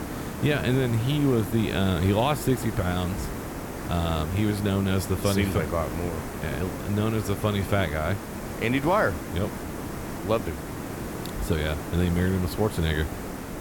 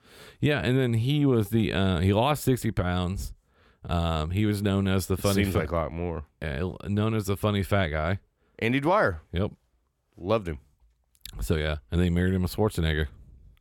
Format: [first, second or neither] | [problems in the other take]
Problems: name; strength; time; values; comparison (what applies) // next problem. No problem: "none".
second | hiss; loud; throughout; 8 dB below the speech